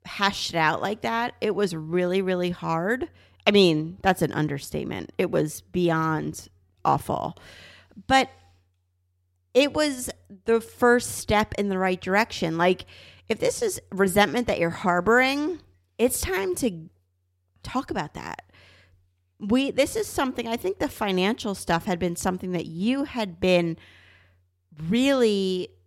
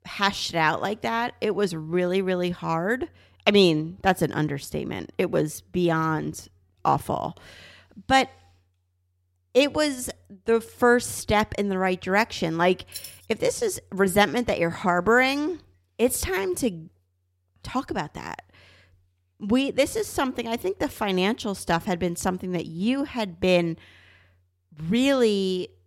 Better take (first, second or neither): first